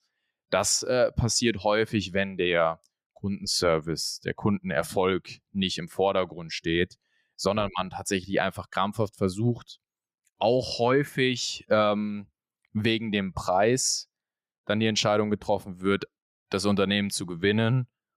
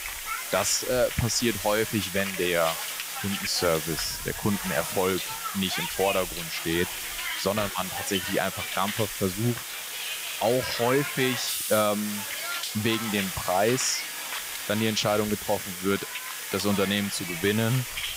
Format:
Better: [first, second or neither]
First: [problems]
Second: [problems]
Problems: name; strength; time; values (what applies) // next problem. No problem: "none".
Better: first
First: none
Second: hiss; loud; throughout; 3 dB below the speech